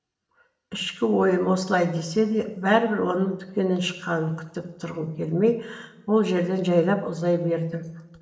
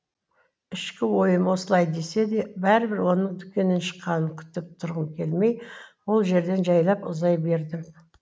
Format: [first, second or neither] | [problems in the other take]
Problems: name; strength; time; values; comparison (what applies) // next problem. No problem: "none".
second | room echo; dies away in 1.2 s